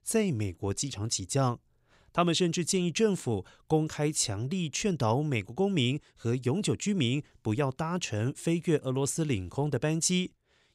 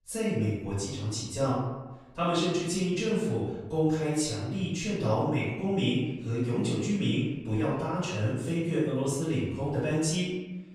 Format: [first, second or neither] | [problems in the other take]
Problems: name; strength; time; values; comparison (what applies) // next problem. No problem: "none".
first | off-mic speech; far // room echo; strong; dies away in 1 s